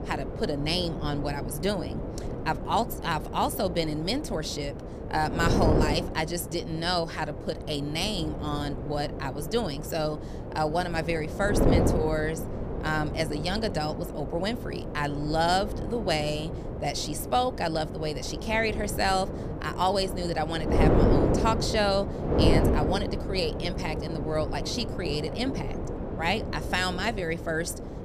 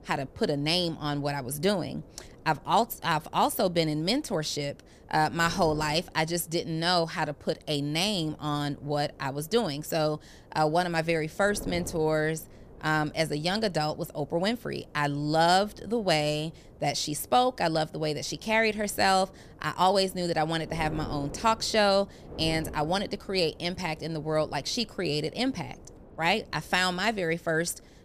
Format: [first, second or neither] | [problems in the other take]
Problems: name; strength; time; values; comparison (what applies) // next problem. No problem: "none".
second | wind noise on the microphone; heavy; 6 dB below the speech; occasional gusts in the second